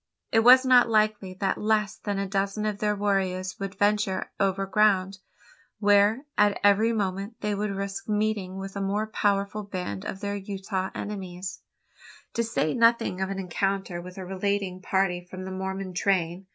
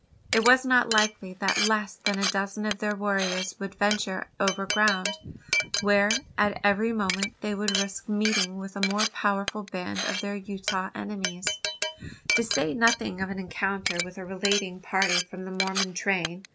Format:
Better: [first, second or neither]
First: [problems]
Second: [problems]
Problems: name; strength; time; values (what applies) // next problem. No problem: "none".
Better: first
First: none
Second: background sound (Glass); 4 dB below the speech